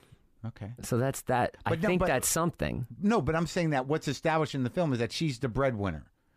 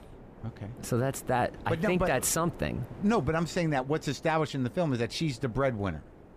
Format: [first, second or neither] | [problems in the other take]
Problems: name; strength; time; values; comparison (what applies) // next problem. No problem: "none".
first | wind noise on the microphone; occasional gusts; 20 dB below the speech